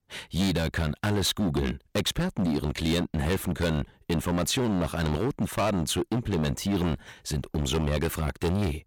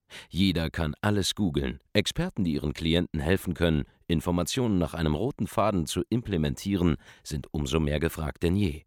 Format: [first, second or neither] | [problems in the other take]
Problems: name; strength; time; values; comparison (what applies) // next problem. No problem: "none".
second | distortion; heavy; 18% of the sound clipped